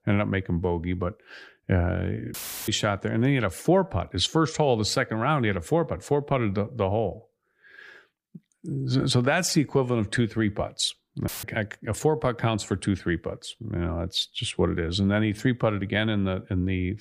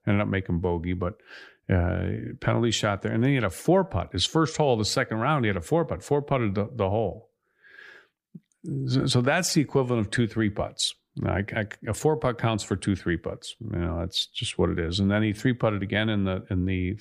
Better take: second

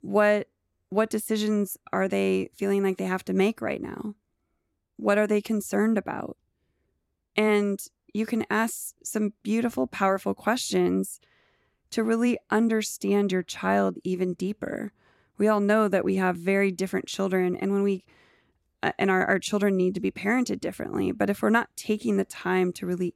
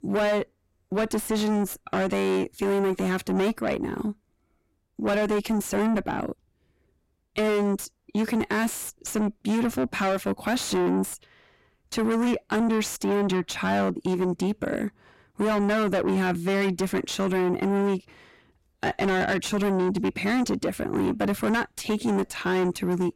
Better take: first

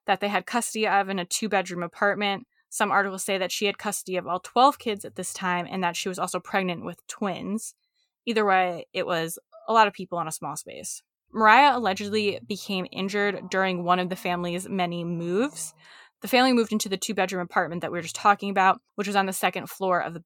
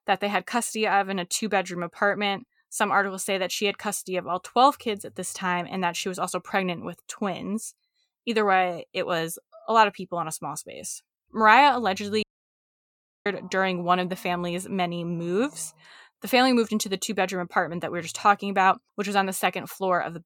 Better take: first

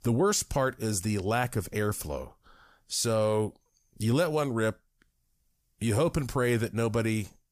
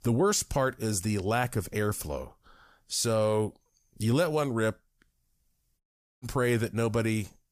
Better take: first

